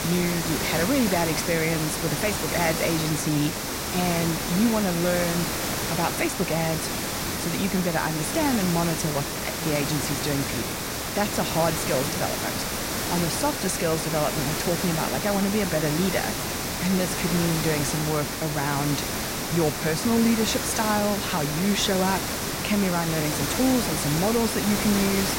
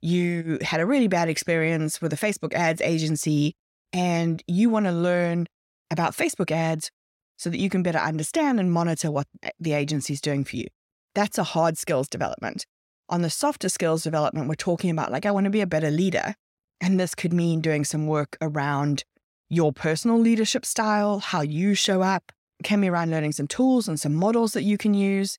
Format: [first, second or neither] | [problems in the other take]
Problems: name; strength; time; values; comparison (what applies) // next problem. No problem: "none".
second | hiss; loud; throughout; 1 dB below the speech